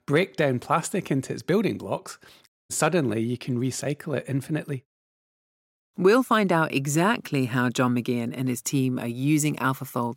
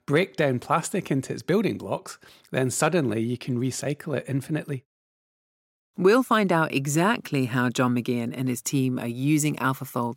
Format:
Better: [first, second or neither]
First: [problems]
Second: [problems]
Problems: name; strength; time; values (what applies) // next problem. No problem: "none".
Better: second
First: audio cutting out; at 2.5 s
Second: none